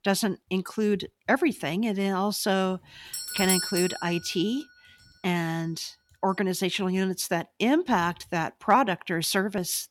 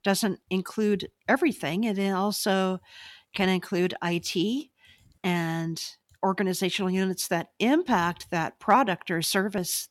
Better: second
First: doorbell; loud; at 3 s; peak 1 dB above the speech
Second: none

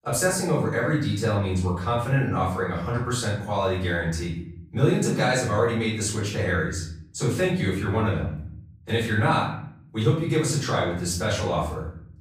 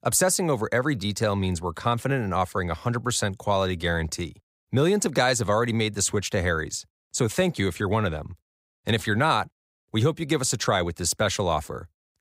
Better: second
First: off-mic speech; far // room echo; noticeable; dies away in 0.9 s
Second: none

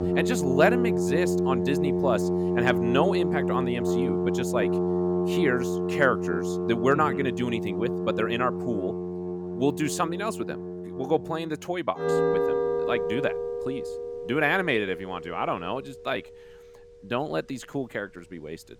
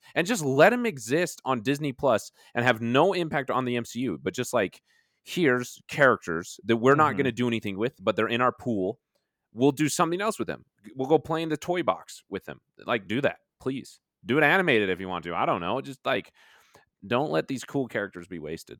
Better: second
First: background music; very loud; throughout; as loud as the speech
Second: none

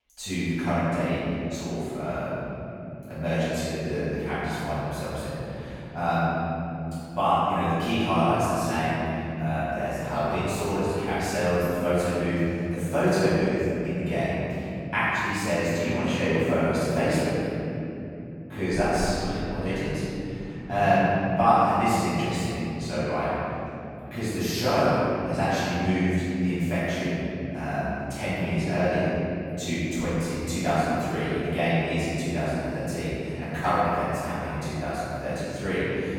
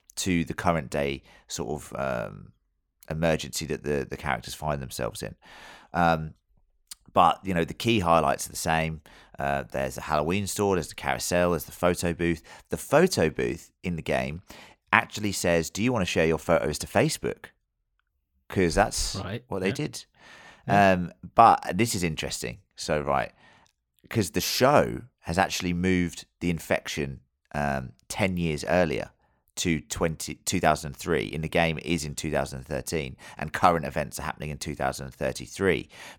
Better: second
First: off-mic speech; far // room echo; strong; dies away in 3 s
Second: none

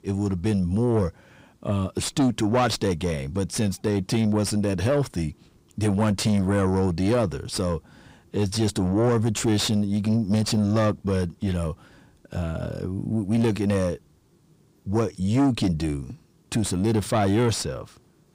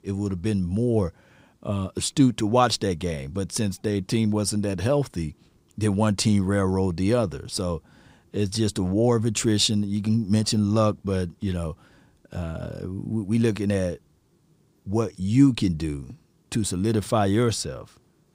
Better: second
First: distortion; slight; 10 dB below the speech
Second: none

